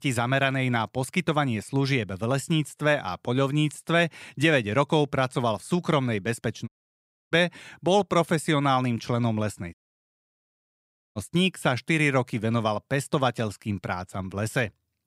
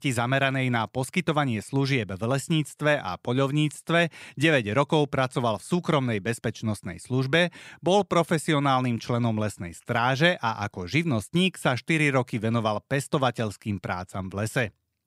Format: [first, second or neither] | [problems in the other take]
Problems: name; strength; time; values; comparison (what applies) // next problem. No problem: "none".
second | audio cutting out; at 6.5 s for 0.5 s and at 9.5 s for 1.5 s